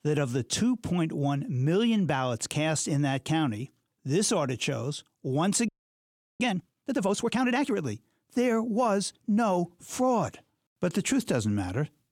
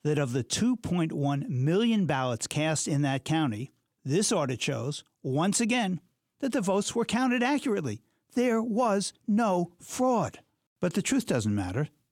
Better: second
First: audio freezing; at 5.5 s for 0.5 s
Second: none

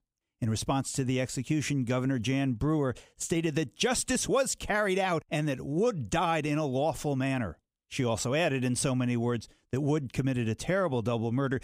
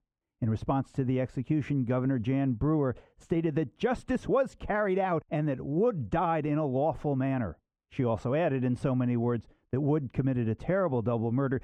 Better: first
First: none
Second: muffled; very; fading above 3 kHz

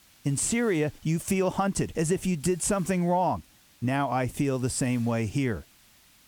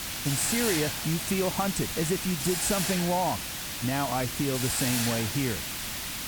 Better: first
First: hiss; faint; throughout; 25 dB below the speech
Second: hiss; loud; throughout; 1 dB below the speech

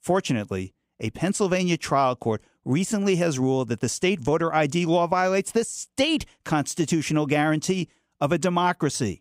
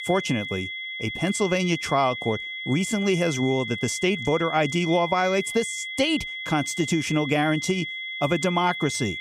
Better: first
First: none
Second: high-pitched whine; loud; throughout; 2 kHz, 6 dB below the speech

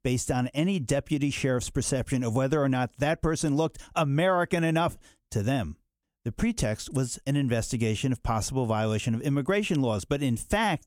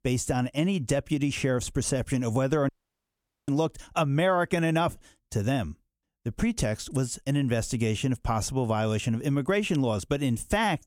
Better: first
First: none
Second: audio cutting out; at 2.5 s for 1 s

